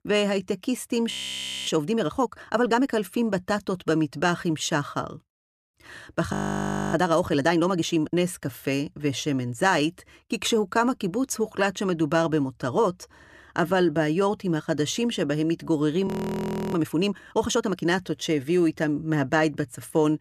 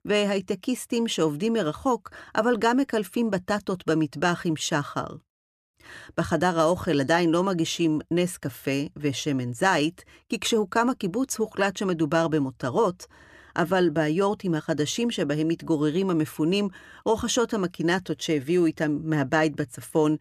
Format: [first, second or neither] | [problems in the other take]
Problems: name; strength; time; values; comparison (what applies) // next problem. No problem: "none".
second | audio freezing; at 1 s for 0.5 s, at 6.5 s for 0.5 s and at 16 s for 0.5 s